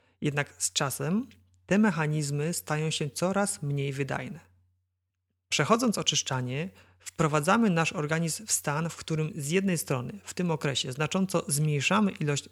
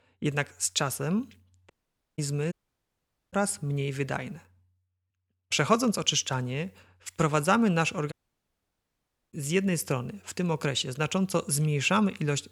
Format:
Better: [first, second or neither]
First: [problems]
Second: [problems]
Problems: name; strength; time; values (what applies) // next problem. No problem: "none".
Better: first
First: none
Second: audio cutting out; at 1.5 s, at 2.5 s for 1 s and at 8 s for 1 s